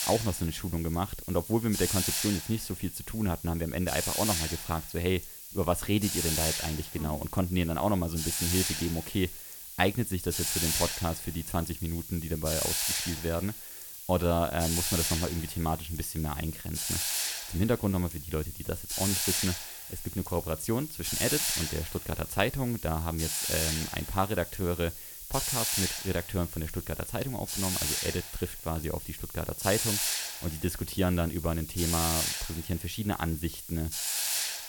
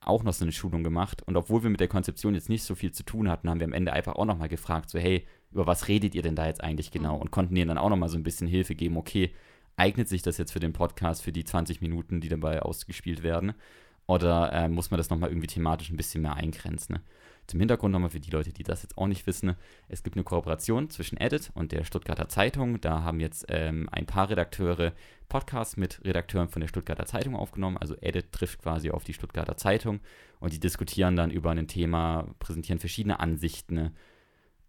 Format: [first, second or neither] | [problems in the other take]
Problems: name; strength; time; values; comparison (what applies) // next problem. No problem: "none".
second | hiss; loud; throughout; 1 dB below the speech